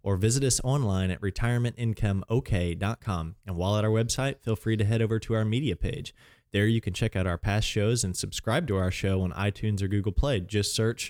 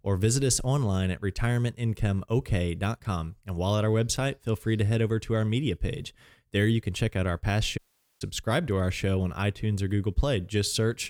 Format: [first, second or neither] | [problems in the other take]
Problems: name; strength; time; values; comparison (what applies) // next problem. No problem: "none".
first | audio cutting out; at 8 s